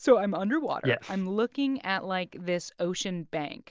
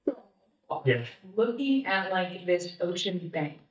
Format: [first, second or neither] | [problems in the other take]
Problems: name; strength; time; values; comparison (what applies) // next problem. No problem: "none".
first | noise reduction (neural mask model DeepFilterNet 3)